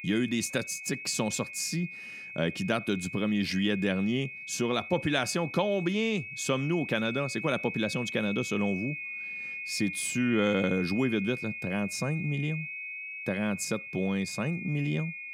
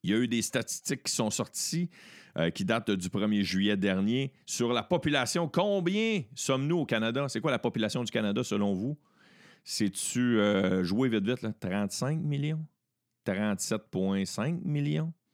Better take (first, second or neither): second